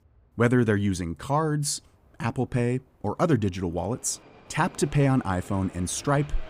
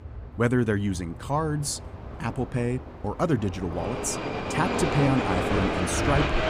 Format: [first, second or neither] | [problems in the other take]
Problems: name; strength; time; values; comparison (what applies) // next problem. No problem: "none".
first | train or aircraft noise; loud; throughout; 1 dB below the speech; faint in the first